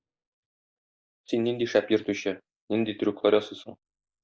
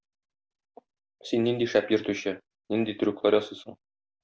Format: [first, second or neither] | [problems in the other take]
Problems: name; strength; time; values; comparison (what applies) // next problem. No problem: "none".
second | noise reduction (neural mask model DeepFilterNet 3)